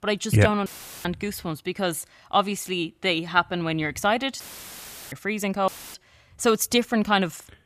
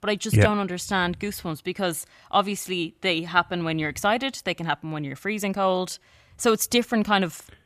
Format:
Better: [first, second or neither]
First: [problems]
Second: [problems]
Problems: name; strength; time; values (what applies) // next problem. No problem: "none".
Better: second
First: audio cutting out; filled with static; at 0.5 s, at 4.5 s for 0.5 s and at 5.5 s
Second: none